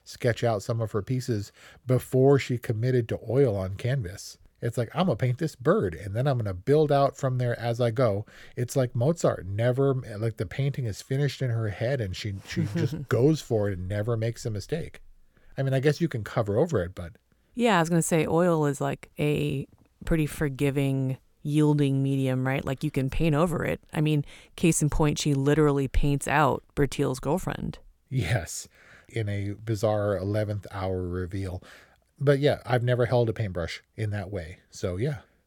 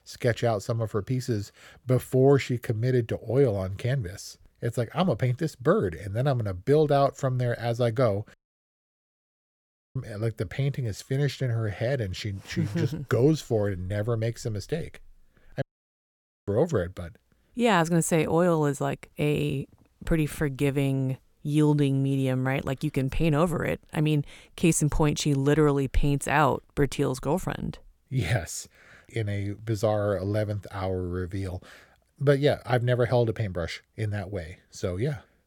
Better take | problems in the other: first | audio cutting out; at 8.5 s for 1.5 s and at 16 s for 1 s

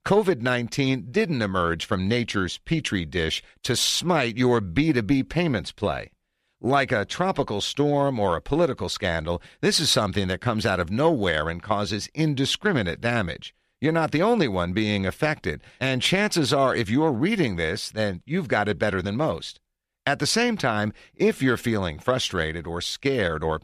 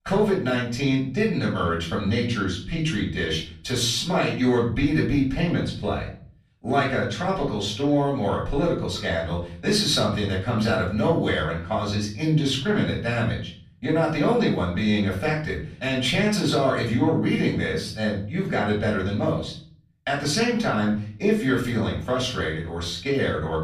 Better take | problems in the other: first | off-mic speech; far // room echo; slight; dies away in 0.5 s

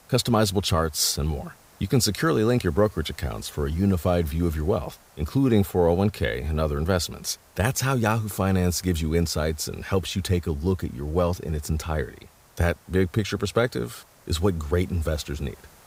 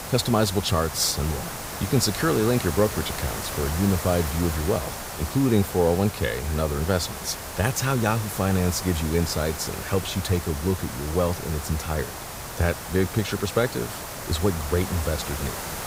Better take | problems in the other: first | hiss; loud; throughout; 7 dB below the speech; faint in the first

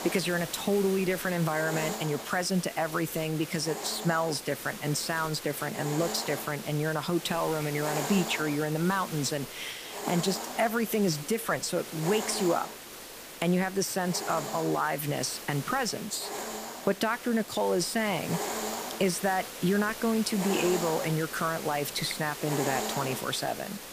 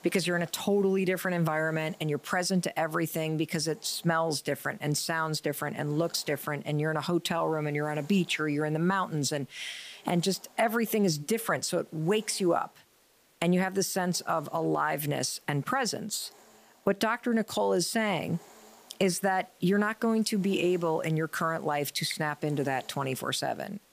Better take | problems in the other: second | hiss; loud; throughout; 8 dB below the speech; faint in the second

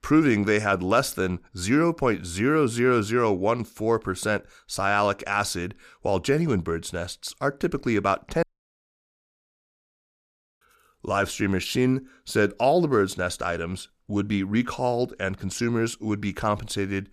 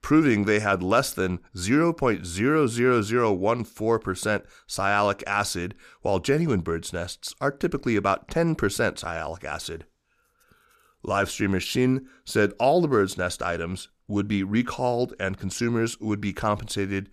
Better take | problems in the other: second | audio cutting out; at 8.5 s for 2 s

